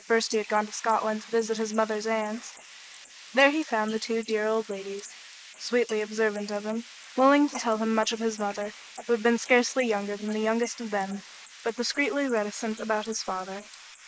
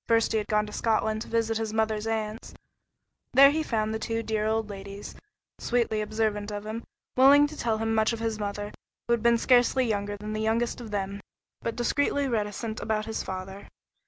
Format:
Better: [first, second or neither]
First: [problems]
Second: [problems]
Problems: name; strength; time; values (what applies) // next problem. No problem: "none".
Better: second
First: noise reduction (neural mask model Resemble Enhance denoiser)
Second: none